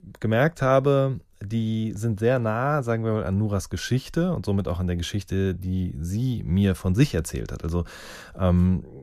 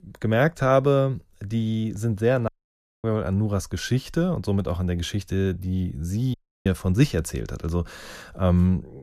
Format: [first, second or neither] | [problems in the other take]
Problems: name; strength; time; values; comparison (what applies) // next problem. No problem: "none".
first | audio cutting out; at 2.5 s for 0.5 s and at 6.5 s